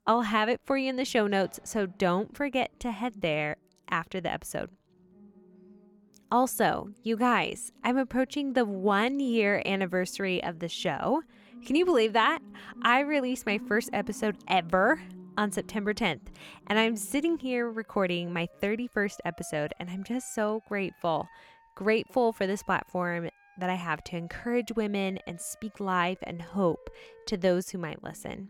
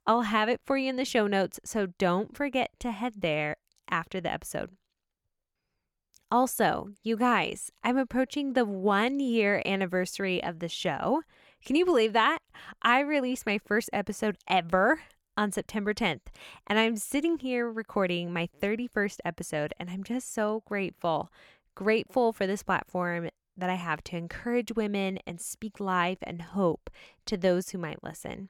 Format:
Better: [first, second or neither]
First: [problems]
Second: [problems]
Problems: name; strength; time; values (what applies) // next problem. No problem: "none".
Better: second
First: background music; faint; throughout; 25 dB below the speech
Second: none